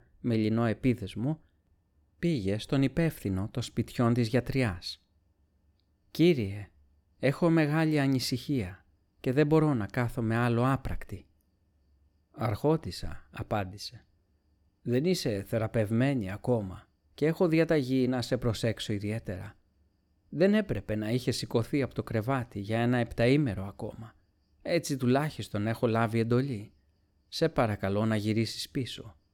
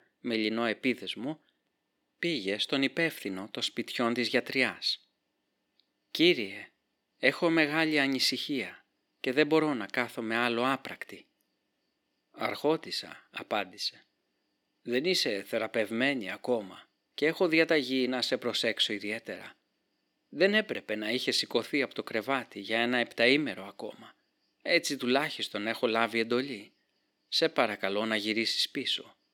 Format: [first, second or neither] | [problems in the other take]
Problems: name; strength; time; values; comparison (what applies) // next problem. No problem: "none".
first | thin; somewhat; fading below 250 Hz